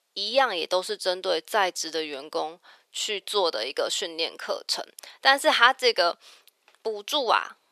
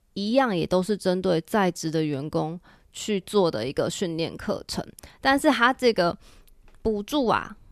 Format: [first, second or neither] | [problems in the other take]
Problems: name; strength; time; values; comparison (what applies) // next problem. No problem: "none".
second | thin; very; fading below 500 Hz